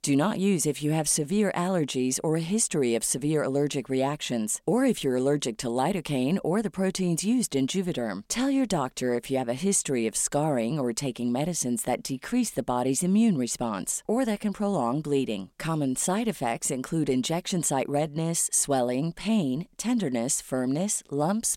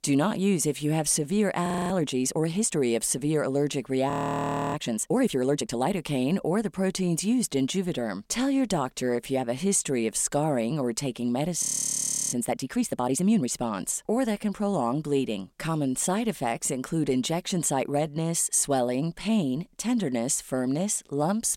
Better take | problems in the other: first | audio freezing; at 1.5 s, at 4 s for 0.5 s and at 12 s for 0.5 s

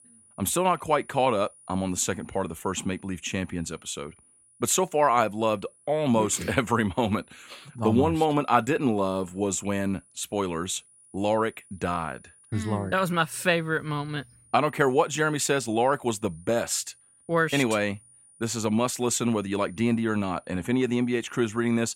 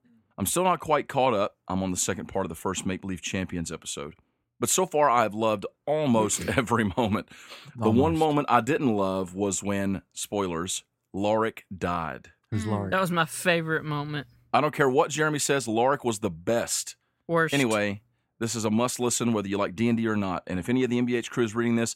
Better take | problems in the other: second | high-pitched whine; faint; throughout; 9.5 kHz, 30 dB below the speech

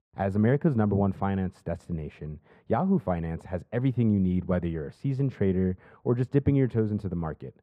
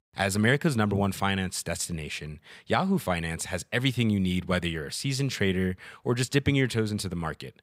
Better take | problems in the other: second | muffled; very; fading above 2 kHz

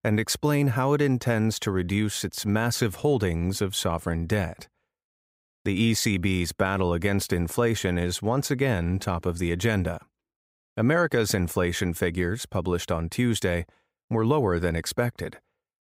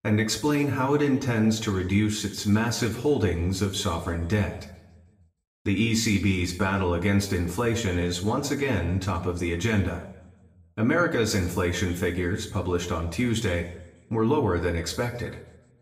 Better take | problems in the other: first | room echo; slight; dies away in 0.8 s // off-mic speech; far

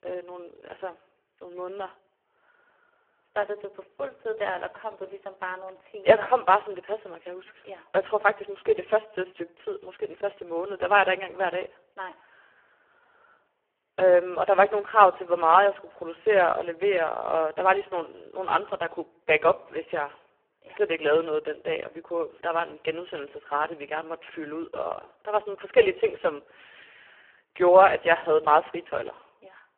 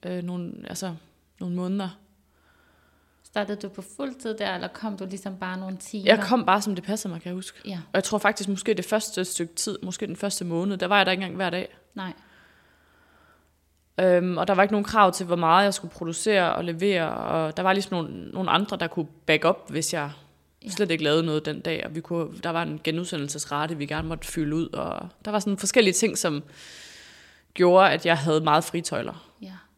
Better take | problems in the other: second | phone-call audio; poor line

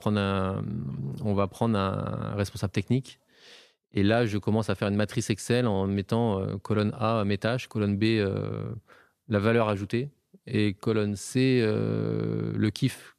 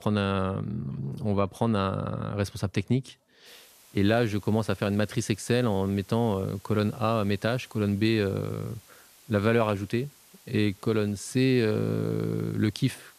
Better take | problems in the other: first | hiss; faint; from 3.5 s on; 25 dB below the speech

